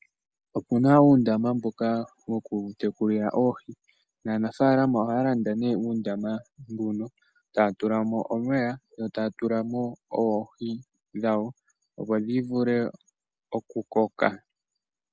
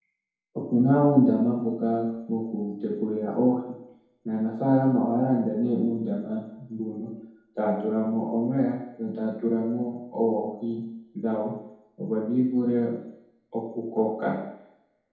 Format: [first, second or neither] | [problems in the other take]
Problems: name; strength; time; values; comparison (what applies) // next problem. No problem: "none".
first | room echo; dies away in 0.9 s